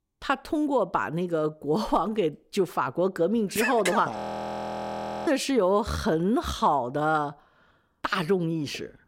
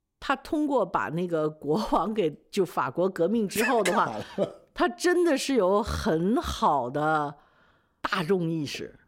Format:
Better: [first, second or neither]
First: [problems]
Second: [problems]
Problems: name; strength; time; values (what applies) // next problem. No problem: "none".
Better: second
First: audio freezing; at 4 s for 1 s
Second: none